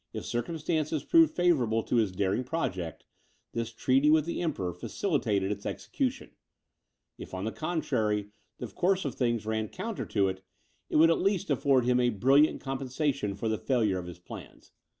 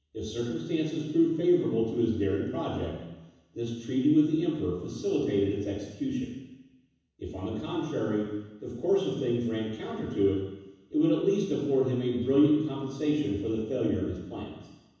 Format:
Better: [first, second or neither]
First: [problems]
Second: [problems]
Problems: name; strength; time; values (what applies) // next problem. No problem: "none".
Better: first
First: none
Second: room echo; dies away in 1.1 s